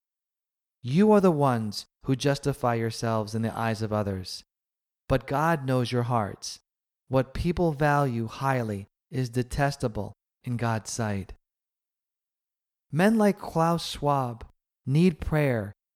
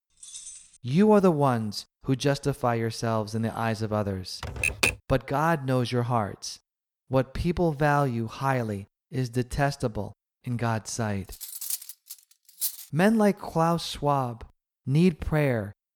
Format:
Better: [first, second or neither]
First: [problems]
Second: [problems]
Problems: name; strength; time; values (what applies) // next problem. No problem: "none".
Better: first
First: none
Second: jangling keys; faint; at the start; peak 15 dB below the speech // keyboard typing; loud; at 4.5 s; peak 3 dB above the speech // clattering dishes; noticeable; from 11 to 13 s; peak 4 dB below the speech